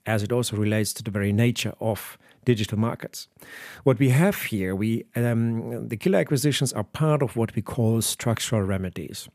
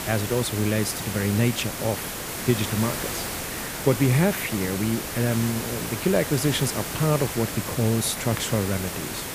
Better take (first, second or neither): first